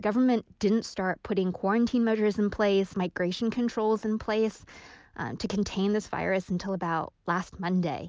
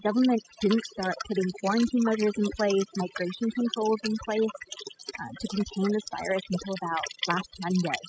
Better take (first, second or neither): first